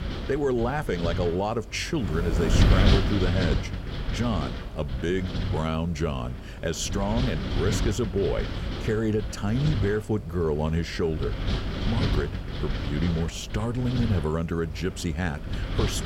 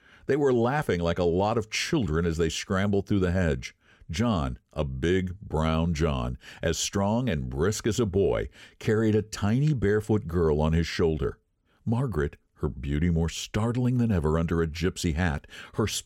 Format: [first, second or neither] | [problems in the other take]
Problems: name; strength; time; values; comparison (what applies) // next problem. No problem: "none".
second | wind noise on the microphone; heavy; 4 dB below the speech